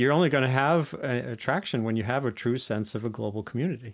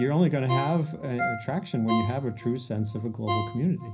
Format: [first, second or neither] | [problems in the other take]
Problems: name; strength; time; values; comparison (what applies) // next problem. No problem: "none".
first | background sound (Ringtone); 8 dB below the speech // room echo; dies away in 0.5 s